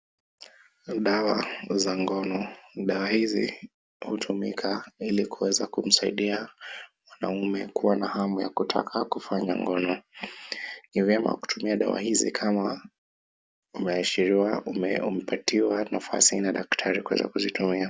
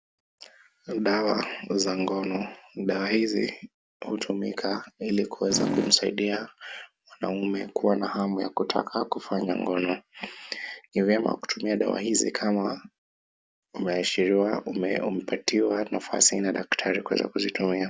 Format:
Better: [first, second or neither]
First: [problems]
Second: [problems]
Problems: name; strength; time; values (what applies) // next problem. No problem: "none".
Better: first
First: none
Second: background sound (Fart); 1 dB below the speech